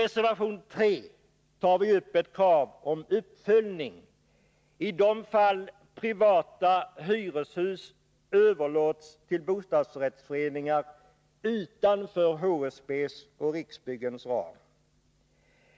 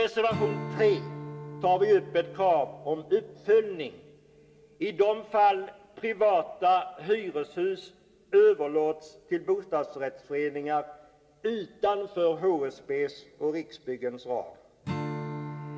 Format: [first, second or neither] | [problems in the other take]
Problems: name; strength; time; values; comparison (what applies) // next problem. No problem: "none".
first | background sound (Strum); 15 dB below the speech // room echo; dies away in 2.6 s